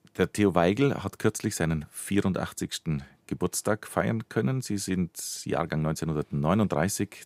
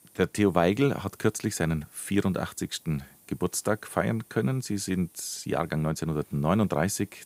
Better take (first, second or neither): first